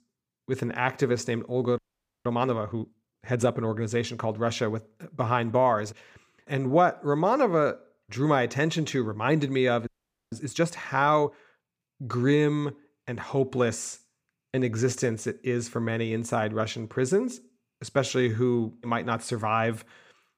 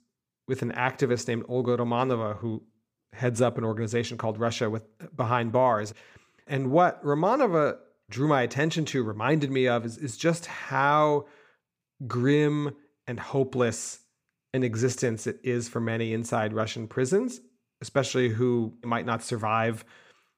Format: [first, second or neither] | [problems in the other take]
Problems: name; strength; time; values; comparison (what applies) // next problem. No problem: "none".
second | audio freezing; at 2 s and at 10 s